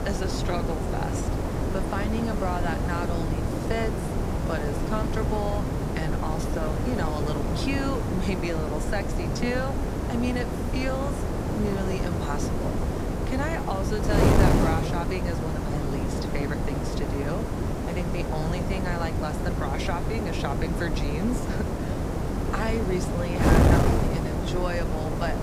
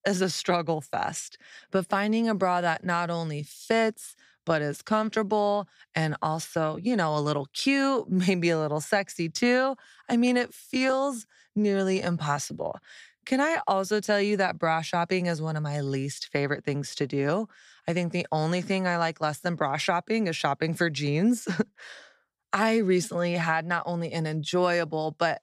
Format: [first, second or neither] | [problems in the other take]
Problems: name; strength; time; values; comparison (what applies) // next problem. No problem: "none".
second | wind noise on the microphone; heavy; 1 dB above the speech